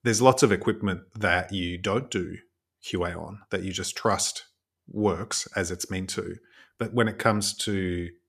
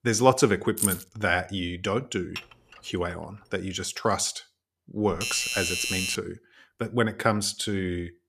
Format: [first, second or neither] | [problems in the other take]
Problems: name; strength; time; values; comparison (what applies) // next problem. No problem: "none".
first | jangling keys; loud; at 1 s; peak 1 dB above the speech // clattering dishes; faint; at 2.5 s; peak 10 dB below the speech // doorbell; loud; from 5 to 6 s; peak 1 dB above the speech